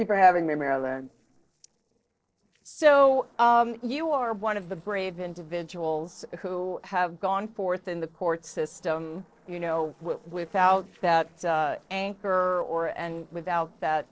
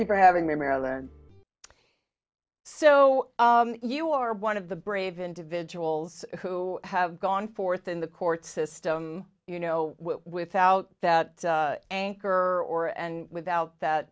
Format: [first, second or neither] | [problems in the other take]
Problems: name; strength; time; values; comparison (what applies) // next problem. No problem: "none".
second | noise reduction (neural separator model SepFormer DNS4)